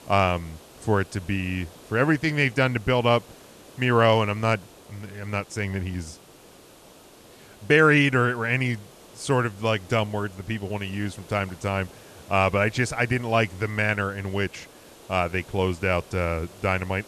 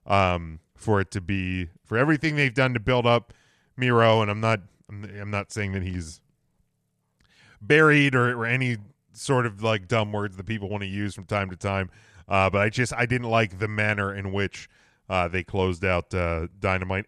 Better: second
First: hiss; faint; throughout; 25 dB below the speech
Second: none

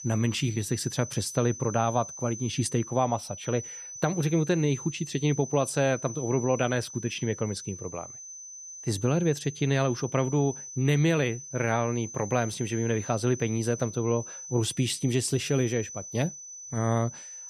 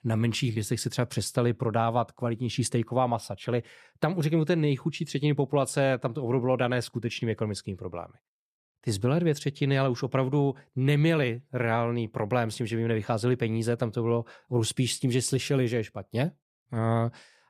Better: second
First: high-pitched whine; noticeable; throughout; 6 kHz, 10 dB below the speech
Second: none

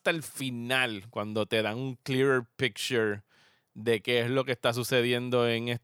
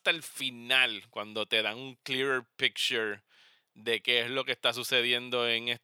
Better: first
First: none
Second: thin; somewhat; fading below 500 Hz

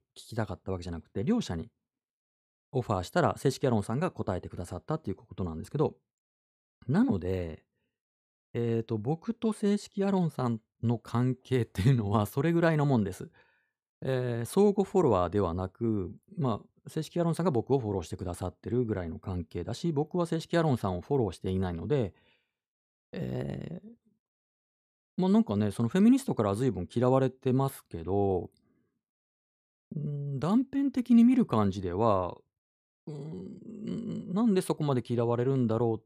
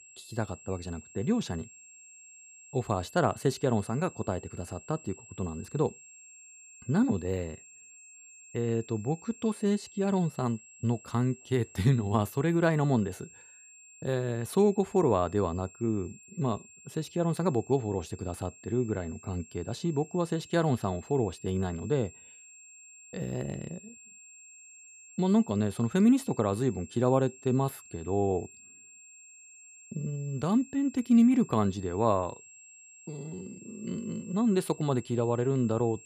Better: first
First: none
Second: high-pitched whine; faint; throughout; 7.5 kHz, 20 dB below the speech

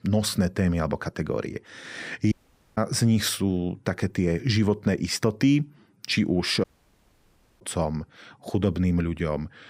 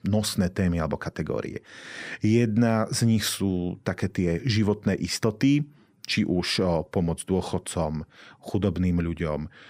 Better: second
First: audio cutting out; at 2.5 s and at 6.5 s for 1 s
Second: none

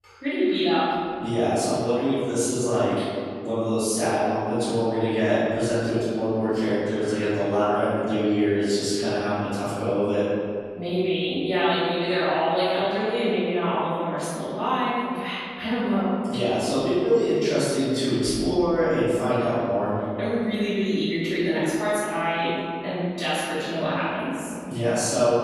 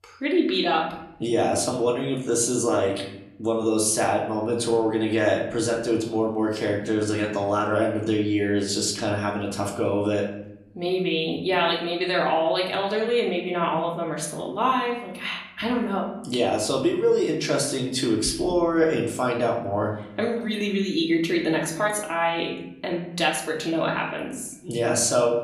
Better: second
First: room echo; strong; dies away in 2.2 s // off-mic speech; far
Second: room echo; slight; dies away in 0.8 s // off-mic speech; far

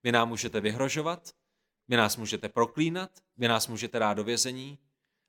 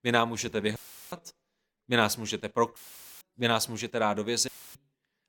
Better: first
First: none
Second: audio cutting out; filled with static; at 1 s, at 3 s and at 4.5 s

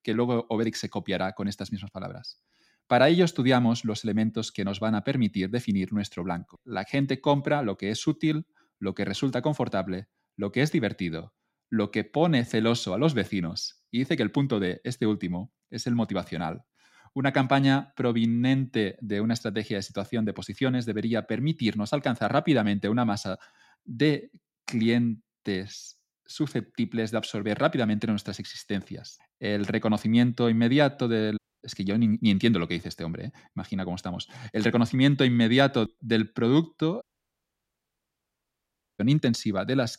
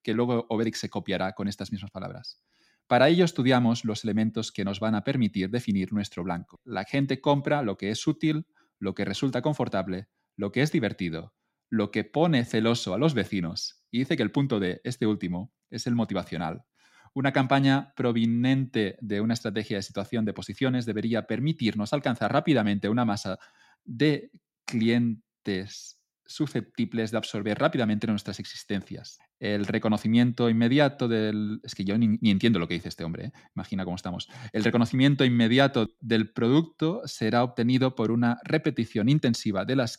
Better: second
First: audio cutting out; at 31 s and at 37 s for 2 s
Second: none

